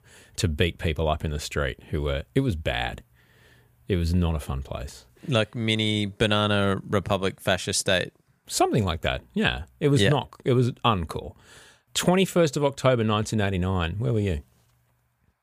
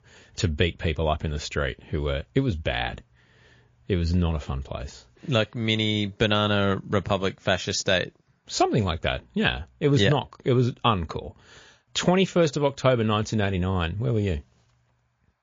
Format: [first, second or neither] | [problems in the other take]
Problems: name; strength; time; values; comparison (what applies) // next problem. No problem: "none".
first | garbled, watery; slightly